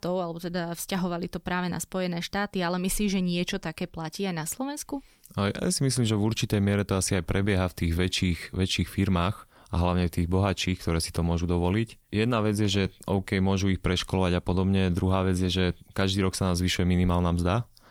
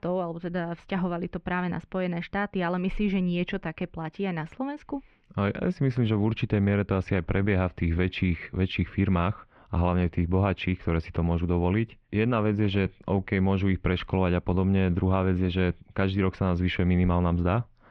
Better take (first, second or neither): first